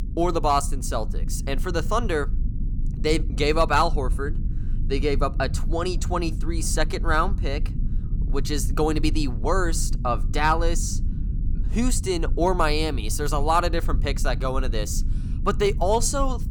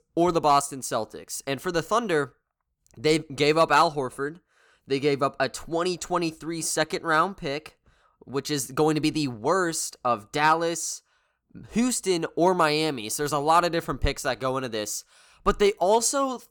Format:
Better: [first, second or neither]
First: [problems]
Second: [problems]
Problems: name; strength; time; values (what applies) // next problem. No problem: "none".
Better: second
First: low rumble; noticeable; throughout; 20 dB below the speech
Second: none